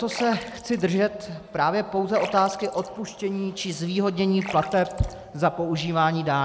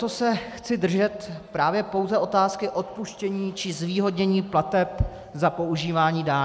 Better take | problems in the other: second | background sound (Splash, splatter); 17 dB below the speech

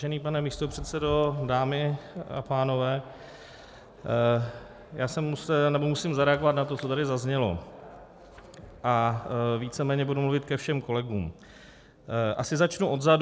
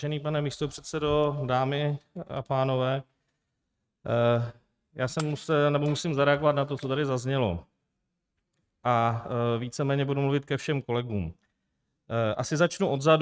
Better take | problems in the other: first | noise reduction (neural mask model RNNoise)

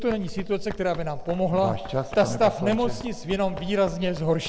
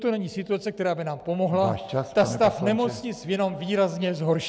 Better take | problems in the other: second | background sound (Run); 10 dB below the speech

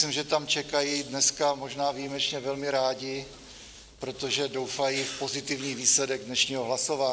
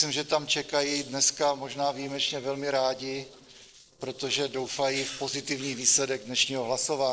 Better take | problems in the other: first | noise reduction (neural separator model SepFormer DNS4)

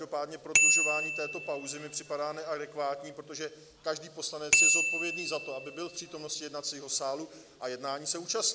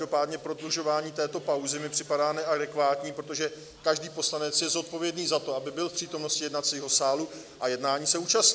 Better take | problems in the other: second | background sound (Bicycle bell); 4 dB above the speech

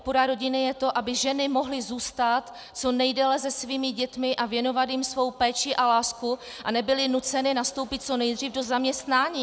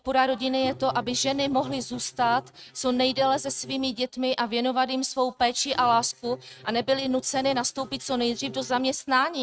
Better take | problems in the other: first | noise reduction (neural mask model RNNoise)

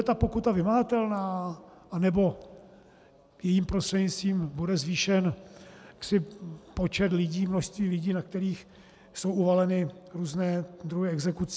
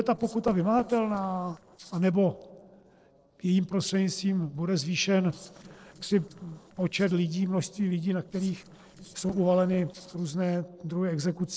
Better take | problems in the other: first | noise reduction (neural separator model SepFormer DNS4)

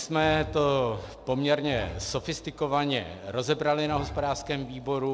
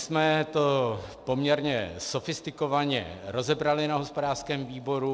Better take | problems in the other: second | background sound (Bowed string instrument); 13 dB below the speech

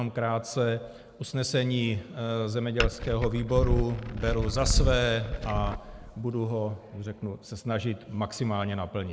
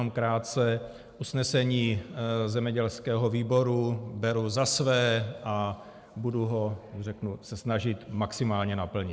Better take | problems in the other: second | background sound (Glass); as loud as the speech

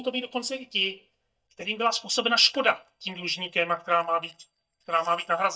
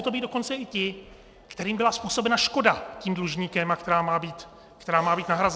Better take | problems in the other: second | noise reduction (neural mask model DeepFilterNet 3)

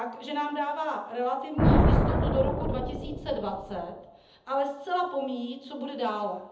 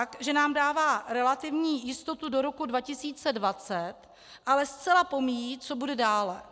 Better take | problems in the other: second | background sound (Thunder); 3 dB above the speech // room echo; dies away in 0.7 s

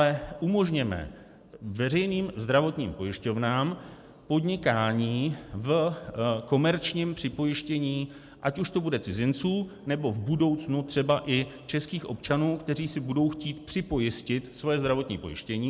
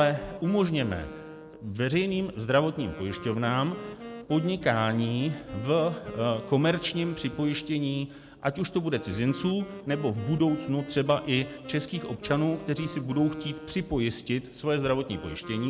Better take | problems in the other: first | background sound (Wind instrument, woodwind instrument); 15 dB below the speech

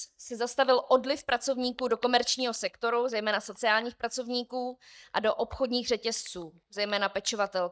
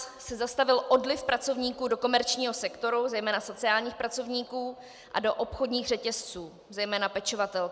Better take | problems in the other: second | noise reduction (neural mask model DeepFilterNet 3)

